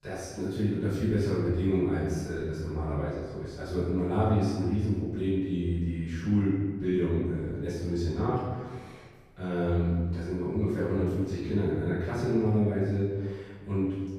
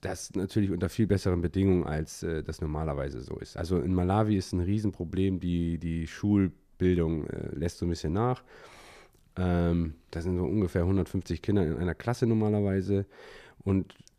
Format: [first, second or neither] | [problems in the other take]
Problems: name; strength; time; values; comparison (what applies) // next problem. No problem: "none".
second | room echo; strong; dies away in 1.3 s // off-mic speech; far